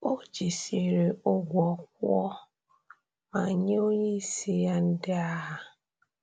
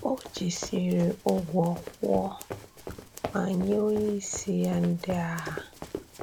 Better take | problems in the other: first | background sound (Run); 12 dB below the speech

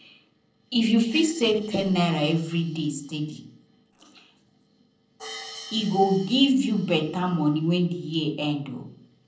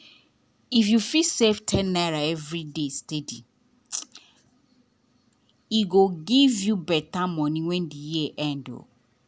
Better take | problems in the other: second | noise reduction (neural separator model SepFormer DNS4)

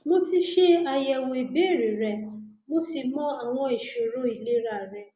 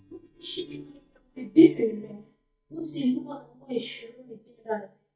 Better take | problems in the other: first | noise reduction (neural mask model DeepFilterNet 3)

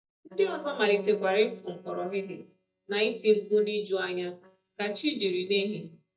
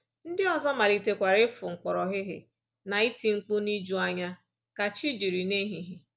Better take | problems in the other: second | noise reduction (neural mask model DeepFilterNet 3)

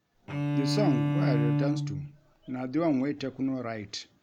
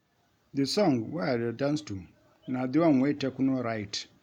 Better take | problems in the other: second | background sound (Bowed string instrument); 2 dB above the speech

